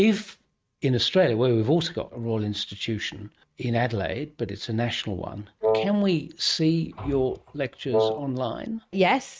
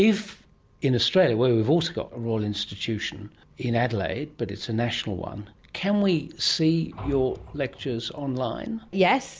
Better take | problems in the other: second | noise reduction (neural mask model RNNoise)

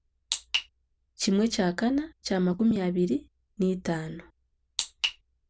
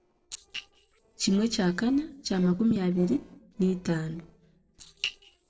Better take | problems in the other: first | noise reduction (neural separator model SepFormer DNS4)

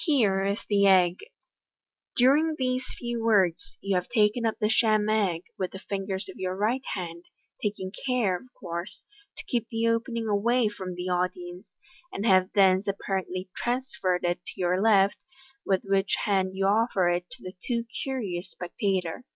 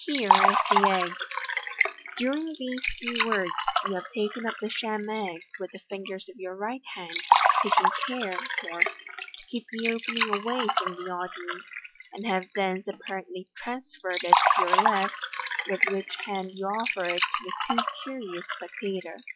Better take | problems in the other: first | noise reduction (classical method log-MMSE)

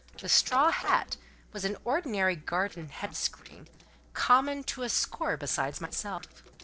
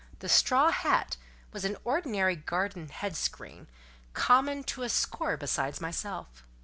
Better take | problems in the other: second | noise reduction (neural separator model SepFormer DNS4)

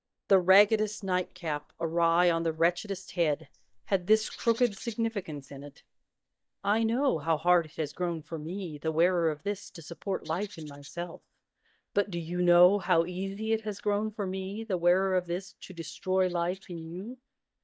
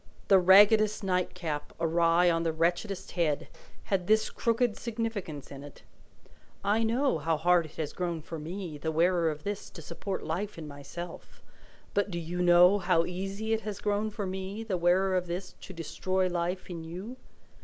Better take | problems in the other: second | noise reduction (neural mask model DeepFilterNet 3)

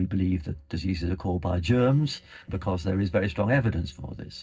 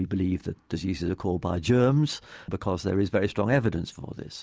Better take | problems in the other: second | noise reduction (neural separator model SepFormer DNS4)

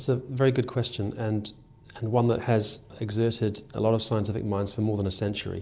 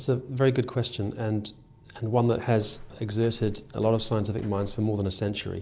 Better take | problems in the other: first | background sound (Walk, footsteps); 17 dB below the speech

